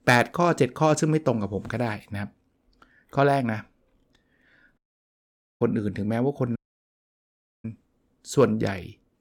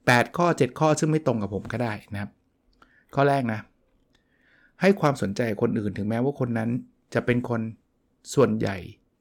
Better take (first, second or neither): second